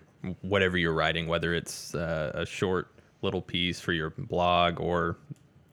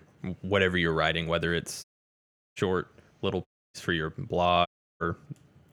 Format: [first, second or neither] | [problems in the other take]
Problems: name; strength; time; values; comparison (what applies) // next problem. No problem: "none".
first | audio cutting out; at 2 s for 0.5 s, at 3.5 s and at 4.5 s